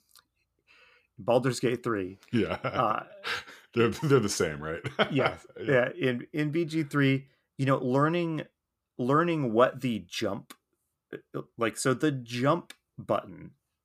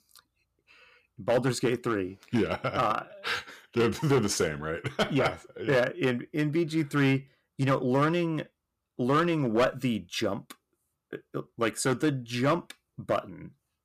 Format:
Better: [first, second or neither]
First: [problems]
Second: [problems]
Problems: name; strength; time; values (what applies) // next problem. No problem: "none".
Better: first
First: none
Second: distortion; slight; 4% of the sound clipped